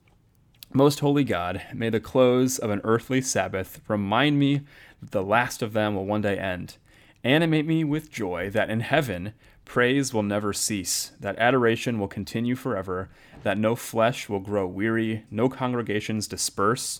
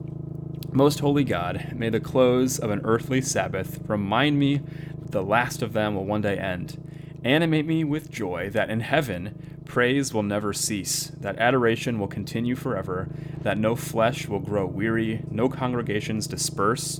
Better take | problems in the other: first | low rumble; noticeable; throughout; 20 dB below the speech

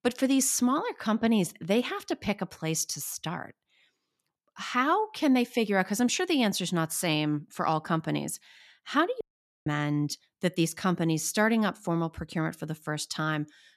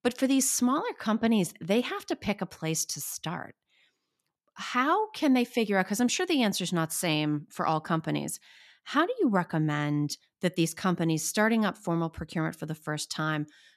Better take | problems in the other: second | audio cutting out; at 9 s

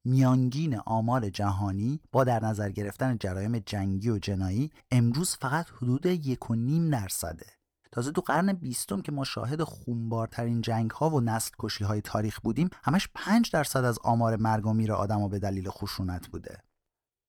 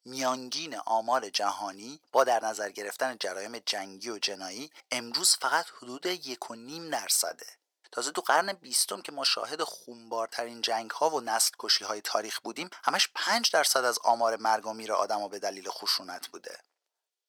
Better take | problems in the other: first | thin; very; fading below 500 Hz

